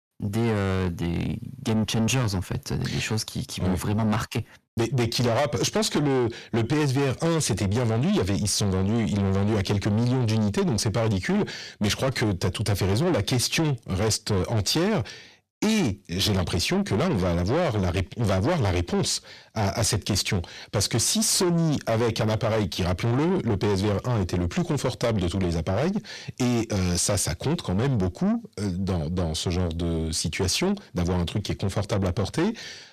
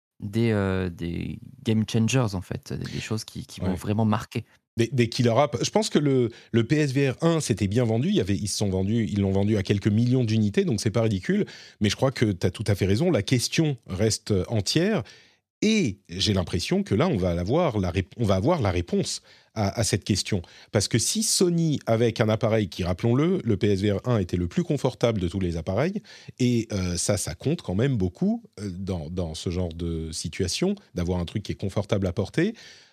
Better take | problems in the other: second | distortion; heavy; 6 dB below the speech

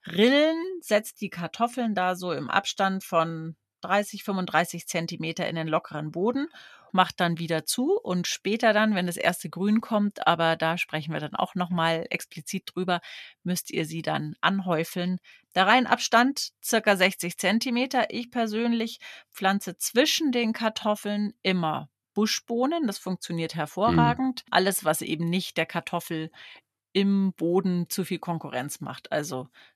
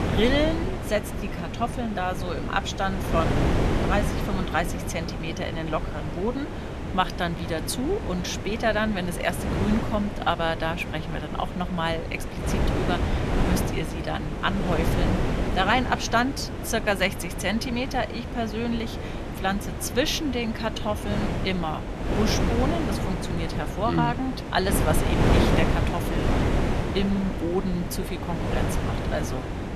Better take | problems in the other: first | wind noise on the microphone; heavy; 4 dB below the speech

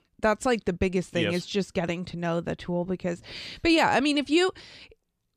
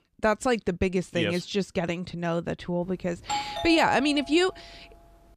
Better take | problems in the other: first | doorbell; noticeable; from 3 to 4.5 s; peak 4 dB below the speech

